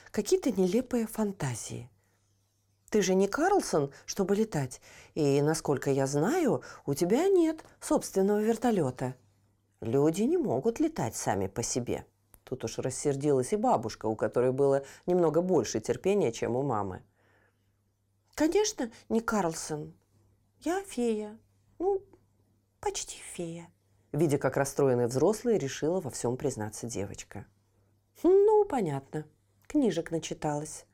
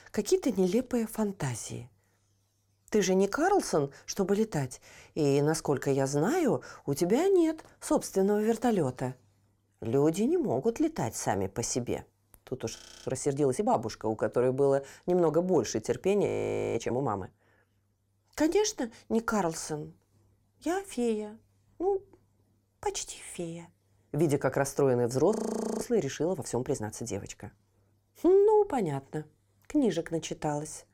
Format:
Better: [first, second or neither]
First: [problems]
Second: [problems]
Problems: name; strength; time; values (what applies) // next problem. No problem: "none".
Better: first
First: none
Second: audio freezing; at 13 s, at 16 s and at 25 s